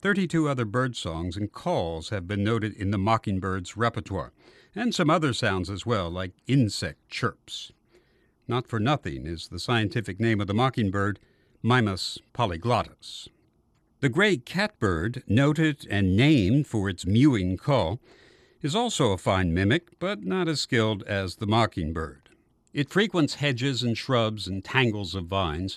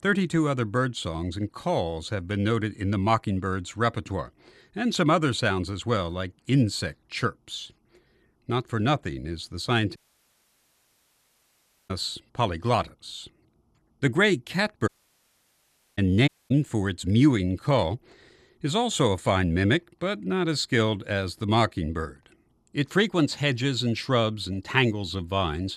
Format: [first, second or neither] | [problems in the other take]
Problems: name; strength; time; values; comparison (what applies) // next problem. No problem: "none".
first | audio cutting out; at 10 s for 2 s, at 15 s for 1 s and at 16 s